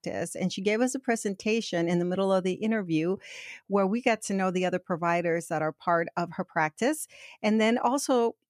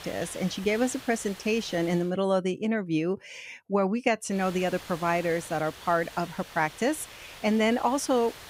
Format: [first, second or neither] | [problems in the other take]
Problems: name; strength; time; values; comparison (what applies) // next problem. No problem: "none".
first | hiss; noticeable; until 2 s and from 4.5 s on; 15 dB below the speech